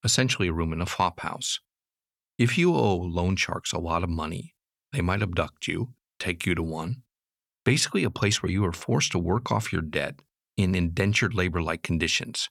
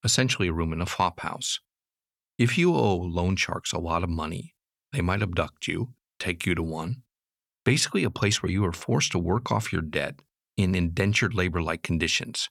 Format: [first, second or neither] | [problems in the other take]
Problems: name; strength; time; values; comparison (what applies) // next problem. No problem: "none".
neither | none